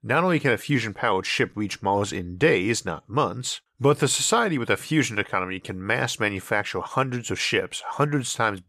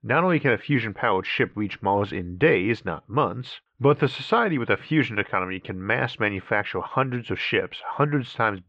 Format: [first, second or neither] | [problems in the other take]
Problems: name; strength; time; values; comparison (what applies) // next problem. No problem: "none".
first | muffled; very; fading above 3 kHz